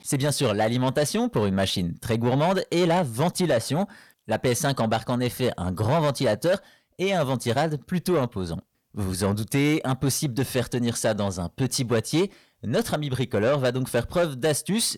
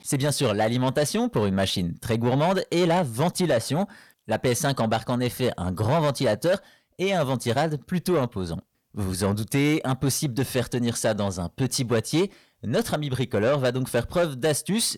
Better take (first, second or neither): neither